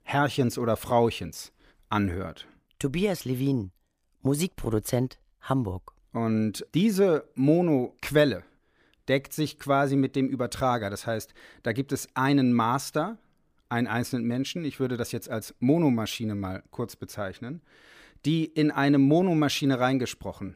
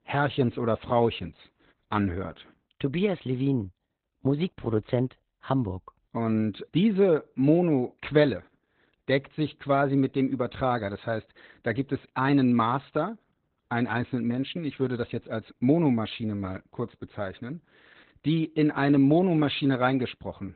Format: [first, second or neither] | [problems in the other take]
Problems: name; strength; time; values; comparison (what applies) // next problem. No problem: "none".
first | garbled, watery; badly; nothing above 4 kHz